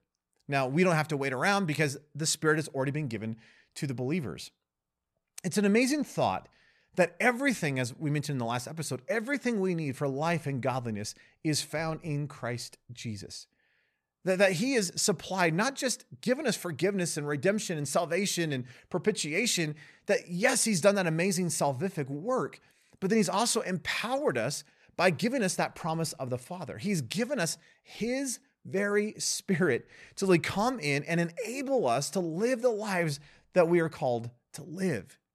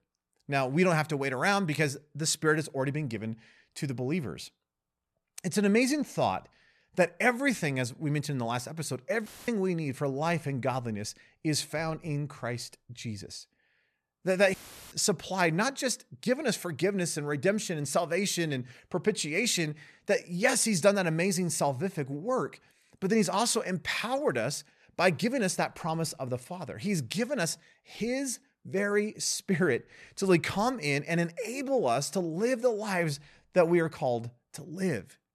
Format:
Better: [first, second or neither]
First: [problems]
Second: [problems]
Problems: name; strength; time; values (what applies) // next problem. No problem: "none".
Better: first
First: none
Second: audio cutting out; filled with static; at 9.5 s and at 15 s